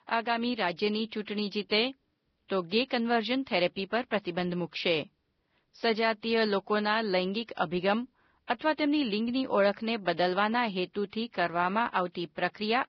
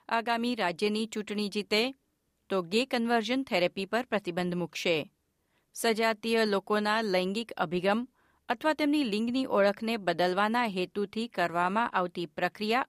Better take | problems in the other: second | garbled, watery; badly

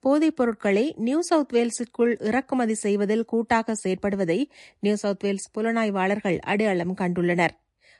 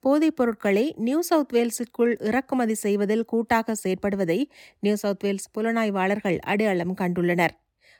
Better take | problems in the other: second | garbled, watery; slightly

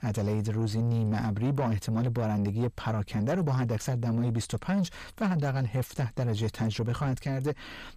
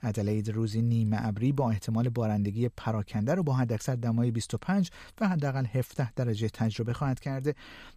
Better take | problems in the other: second | distortion; slight; 10 dB below the speech

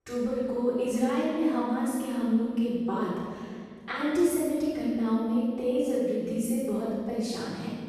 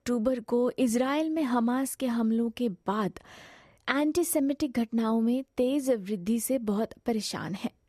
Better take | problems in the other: second | off-mic speech; far // room echo; strong; dies away in 1.8 s

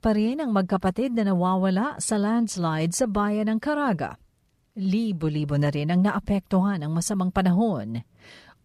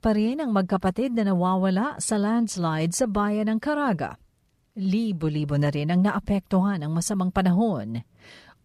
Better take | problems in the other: neither | none

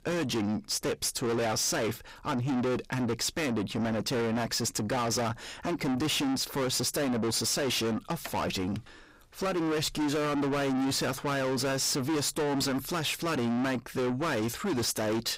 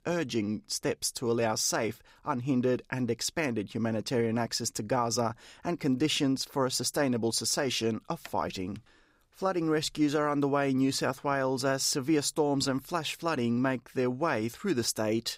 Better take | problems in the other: second | distortion; heavy; 6 dB below the speech

